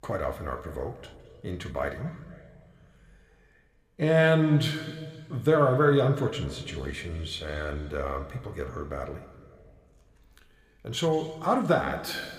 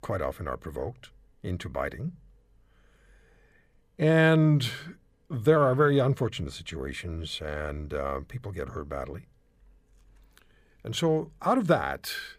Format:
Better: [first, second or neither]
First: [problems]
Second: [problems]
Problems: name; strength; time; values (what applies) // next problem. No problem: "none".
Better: second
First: room echo; slight; dies away in 1.8 s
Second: none